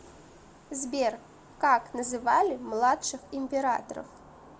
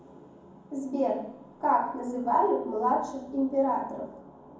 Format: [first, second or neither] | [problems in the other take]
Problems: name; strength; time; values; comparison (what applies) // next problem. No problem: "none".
first | room echo; dies away in 1.2 s